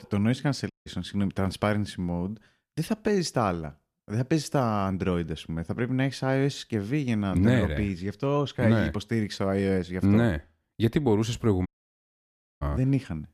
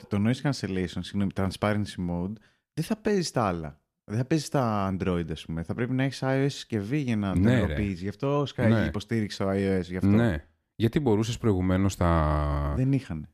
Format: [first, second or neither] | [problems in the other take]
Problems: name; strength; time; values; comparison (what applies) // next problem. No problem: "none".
second | audio cutting out; at 0.5 s and at 12 s for 1 s